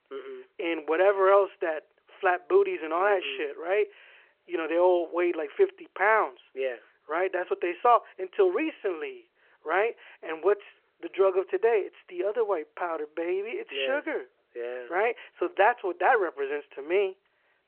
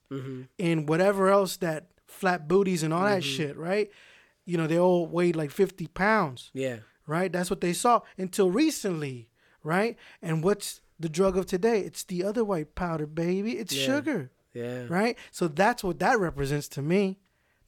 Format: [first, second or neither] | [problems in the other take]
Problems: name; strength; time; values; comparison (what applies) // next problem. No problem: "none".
second | phone-call audio